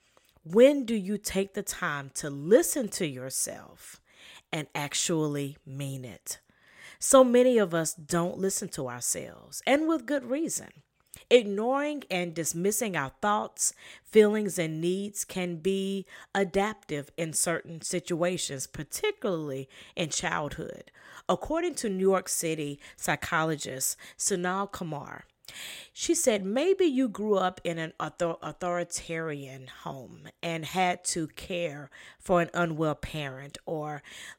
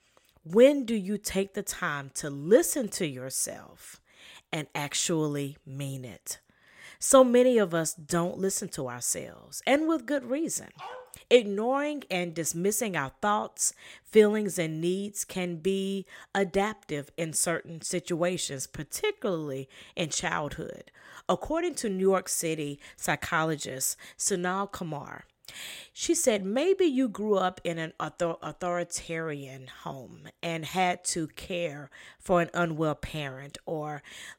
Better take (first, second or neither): first